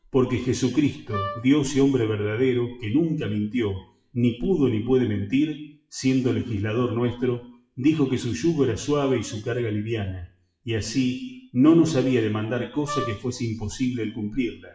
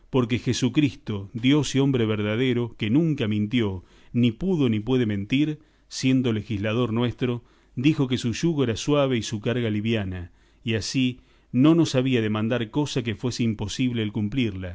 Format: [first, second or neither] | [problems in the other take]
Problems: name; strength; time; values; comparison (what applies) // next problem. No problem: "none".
second | noise reduction (classical method WPE with log-MMSE)